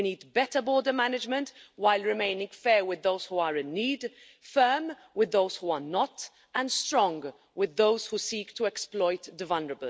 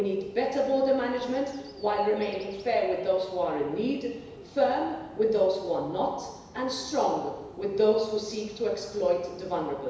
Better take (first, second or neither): first